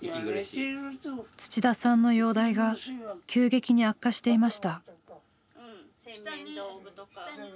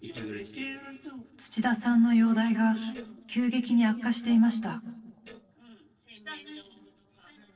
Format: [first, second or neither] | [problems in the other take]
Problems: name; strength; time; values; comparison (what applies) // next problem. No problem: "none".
first | noise reduction (neural separator model SepFormer DNS4)